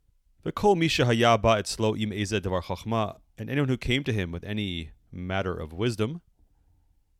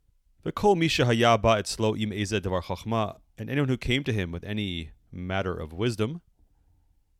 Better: neither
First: none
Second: none

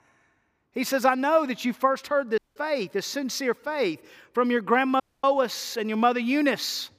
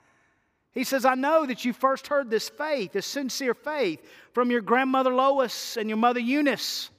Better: second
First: audio cutting out; at 2.5 s and at 5 s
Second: none

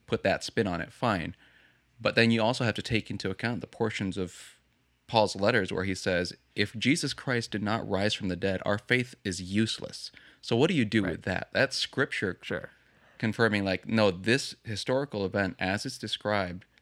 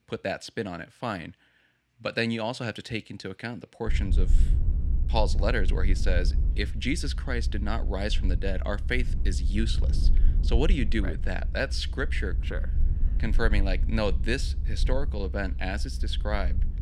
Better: first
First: none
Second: low rumble; noticeable; from 4 s on; 15 dB below the speech

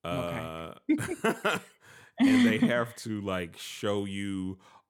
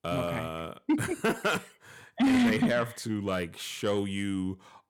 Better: first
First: none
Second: distortion; slight; 10 dB below the speech

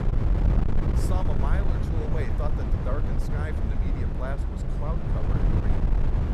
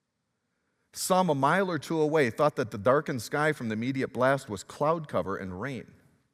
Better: second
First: wind noise on the microphone; heavy; 1 dB above the speech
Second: none

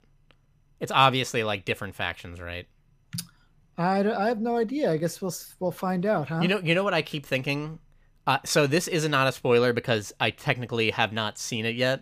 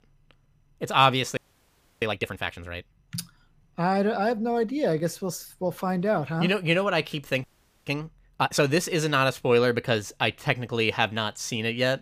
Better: first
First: none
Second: audio freezing; at 1.5 s for 0.5 s and at 7.5 s

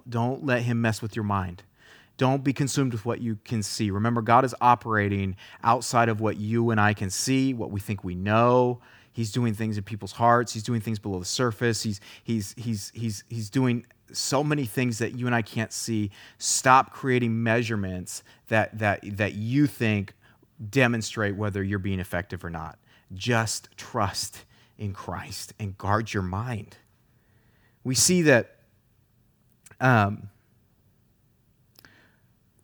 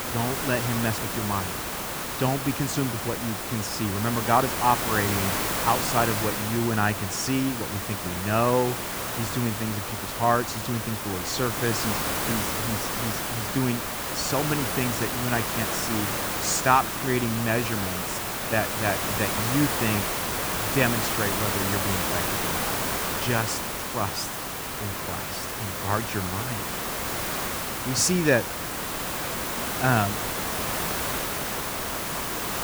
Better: first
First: none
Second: hiss; loud; throughout; as loud as the speech

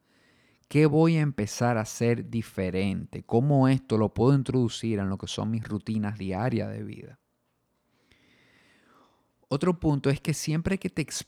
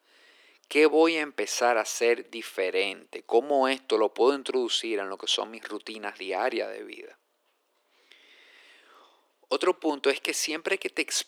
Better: first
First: none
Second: thin; very; fading below 350 Hz

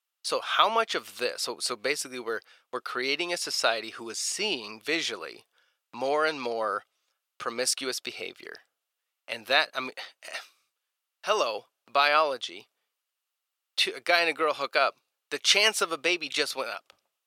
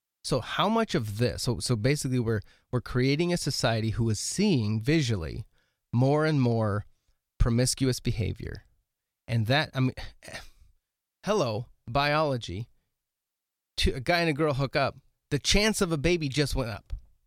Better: second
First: thin; very; fading below 450 Hz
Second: none

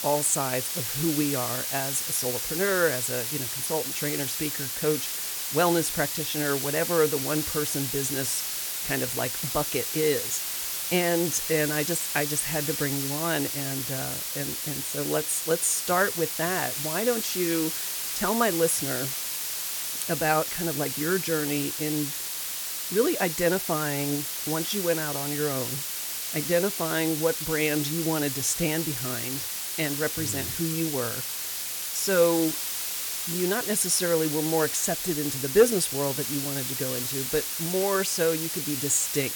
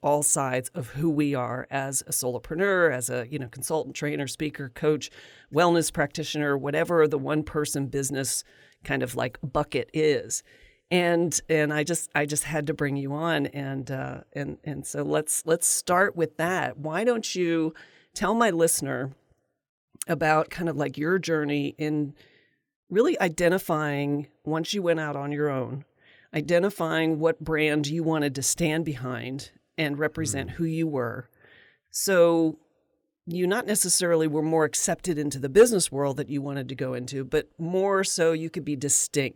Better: second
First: hiss; loud; throughout; 1 dB below the speech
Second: none

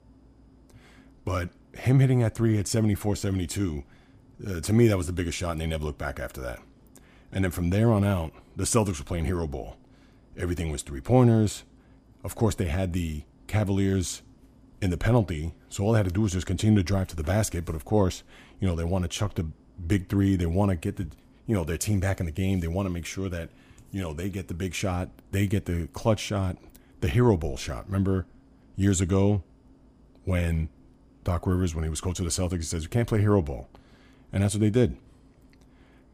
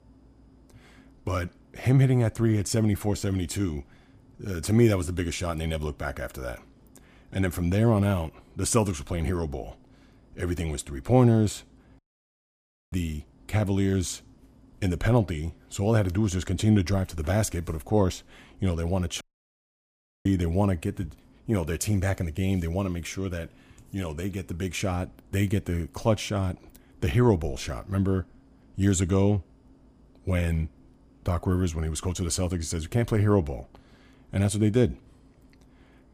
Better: first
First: none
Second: audio cutting out; at 12 s for 1 s and at 19 s for 1 s

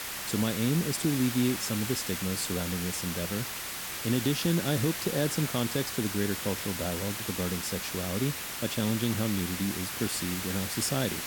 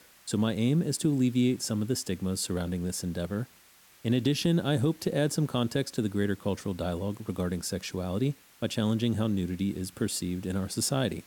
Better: second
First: hiss; loud; throughout; 3 dB below the speech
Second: hiss; faint; throughout; 25 dB below the speech

